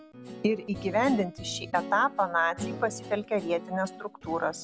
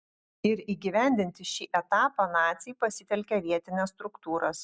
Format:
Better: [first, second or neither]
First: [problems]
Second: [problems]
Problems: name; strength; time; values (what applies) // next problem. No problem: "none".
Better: second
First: background sound (Guitar); 11 dB below the speech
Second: none